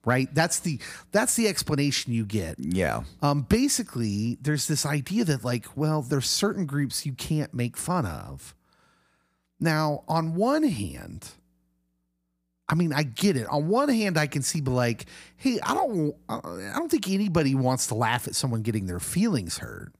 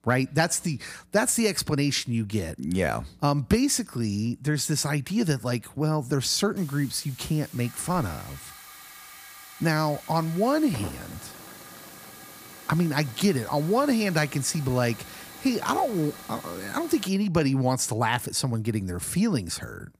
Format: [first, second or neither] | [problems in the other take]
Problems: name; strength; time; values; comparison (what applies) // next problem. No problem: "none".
first | hiss; noticeable; from 6.5 to 17 s; 15 dB below the speech